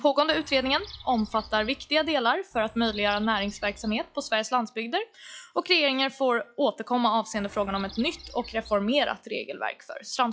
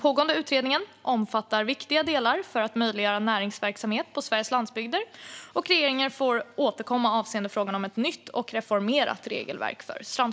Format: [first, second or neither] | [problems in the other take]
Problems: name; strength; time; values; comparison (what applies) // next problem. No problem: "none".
second | noise reduction (classical method log-MMSE)